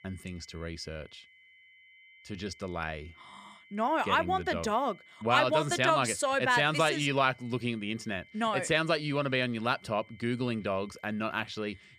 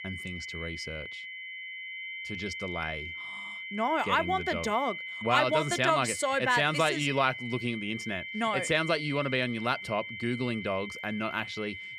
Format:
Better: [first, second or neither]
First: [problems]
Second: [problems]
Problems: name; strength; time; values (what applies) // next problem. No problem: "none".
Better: first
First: high-pitched whine; faint; throughout; 2 kHz, 25 dB below the speech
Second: high-pitched whine; loud; throughout; 2 kHz, 8 dB below the speech